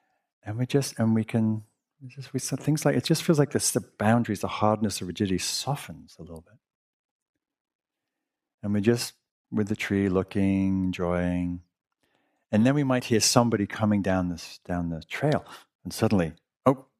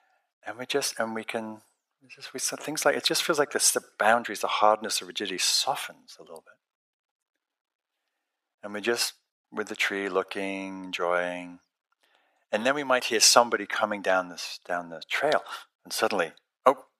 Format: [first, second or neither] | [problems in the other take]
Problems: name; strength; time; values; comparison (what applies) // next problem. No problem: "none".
first | thin; very; fading below 650 Hz